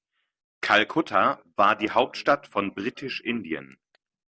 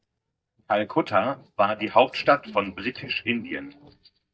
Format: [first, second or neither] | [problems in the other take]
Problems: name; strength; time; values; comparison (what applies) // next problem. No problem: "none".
first | noise reduction (neural mask model DeepFilterNet 3)